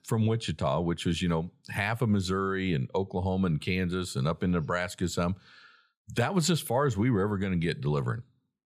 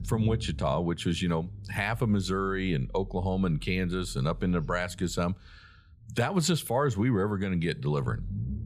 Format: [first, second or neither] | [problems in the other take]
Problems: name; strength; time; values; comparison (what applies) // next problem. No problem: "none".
first | low rumble; faint; throughout; 25 dB below the speech